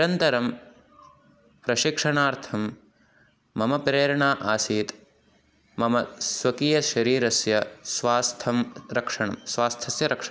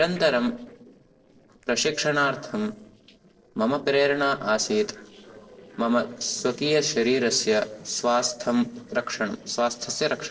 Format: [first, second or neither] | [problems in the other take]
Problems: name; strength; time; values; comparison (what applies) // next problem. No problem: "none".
first | noise reduction (neural separator model SepFormer DNS4)